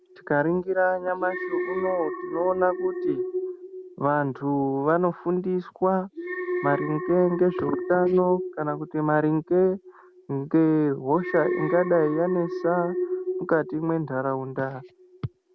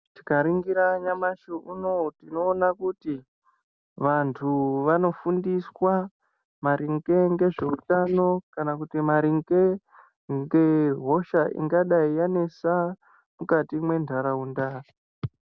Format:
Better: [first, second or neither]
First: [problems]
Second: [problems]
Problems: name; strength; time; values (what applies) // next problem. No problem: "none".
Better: second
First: background sound (Alarm); 8 dB below the speech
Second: none